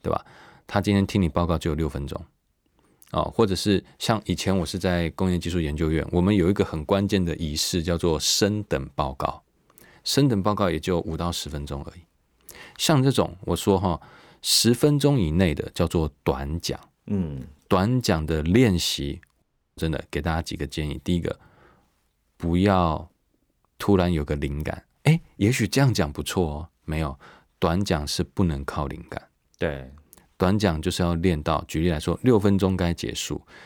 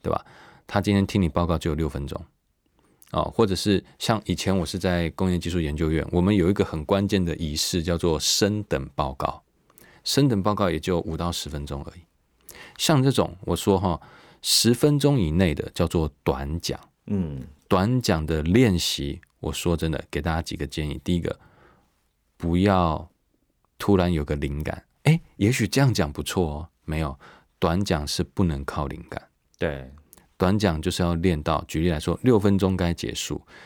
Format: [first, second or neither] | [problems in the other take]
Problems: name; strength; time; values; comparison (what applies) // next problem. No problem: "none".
second | audio cutting out; at 19 s